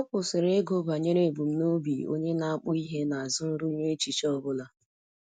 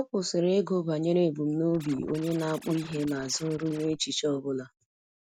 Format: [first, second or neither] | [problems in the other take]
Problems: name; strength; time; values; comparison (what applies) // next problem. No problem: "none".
first | background sound (Scratching (performance technique)); 19 dB below the speech